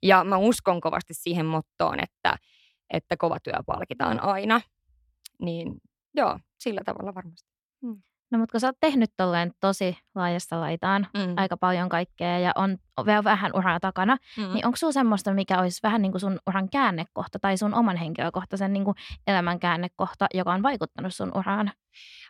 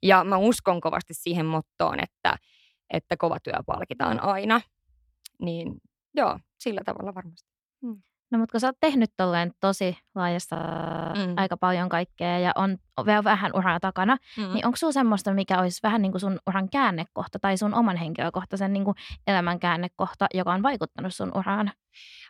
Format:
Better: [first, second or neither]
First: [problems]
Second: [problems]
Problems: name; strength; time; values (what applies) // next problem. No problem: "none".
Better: first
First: none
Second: audio freezing; at 11 s for 0.5 s